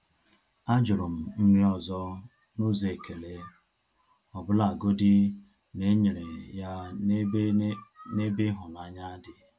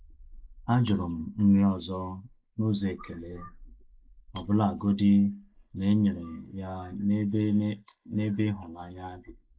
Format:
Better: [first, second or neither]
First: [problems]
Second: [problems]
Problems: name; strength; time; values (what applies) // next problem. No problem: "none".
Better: first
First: none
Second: noise reduction (neural mask model Resemble Enhance denoiser)